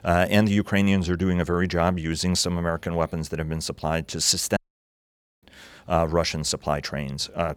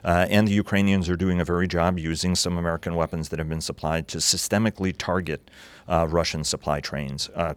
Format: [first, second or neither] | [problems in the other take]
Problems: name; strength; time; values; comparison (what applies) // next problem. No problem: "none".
second | audio cutting out; at 4.5 s for 1 s